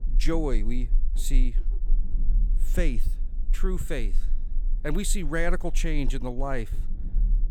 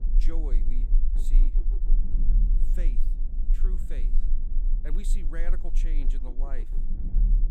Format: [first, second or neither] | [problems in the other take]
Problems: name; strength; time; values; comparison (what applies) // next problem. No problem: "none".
first | low rumble; loud; throughout; 6 dB below the speech; faint in the first